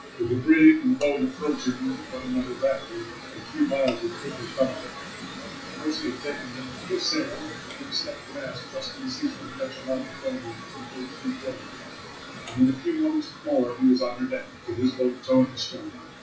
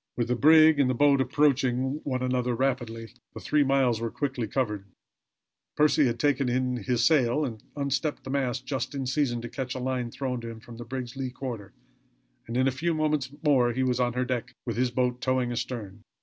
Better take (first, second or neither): second